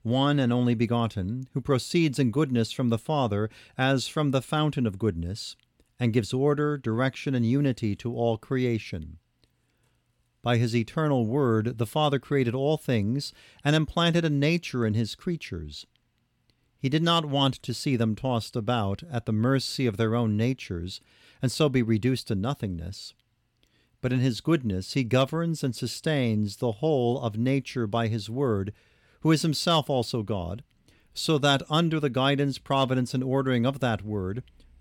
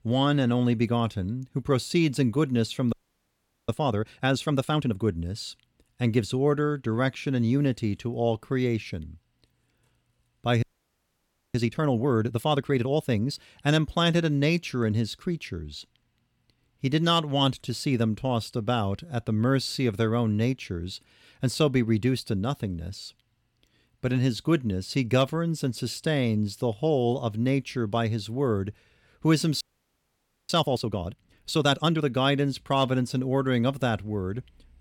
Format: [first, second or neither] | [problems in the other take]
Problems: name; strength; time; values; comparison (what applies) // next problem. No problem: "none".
first | audio freezing; at 3 s for 1 s, at 11 s for 1 s and at 30 s for 1 s